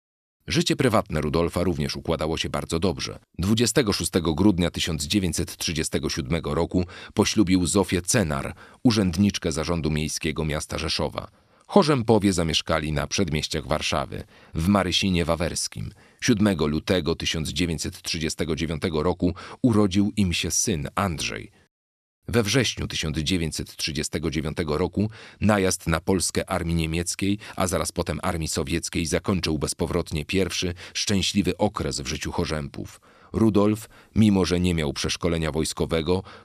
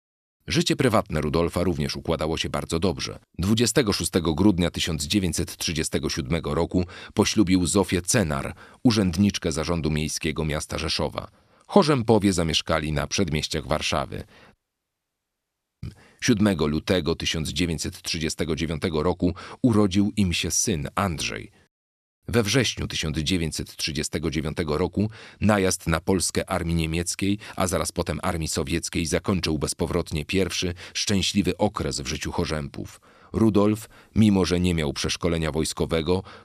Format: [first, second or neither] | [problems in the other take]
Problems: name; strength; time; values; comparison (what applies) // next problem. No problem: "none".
first | audio cutting out; at 15 s for 1.5 s